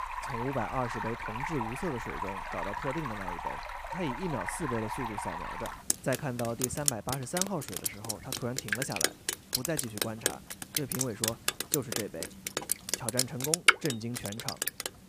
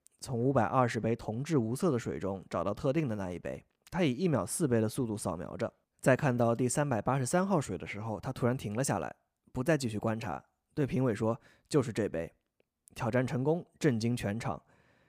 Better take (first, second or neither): second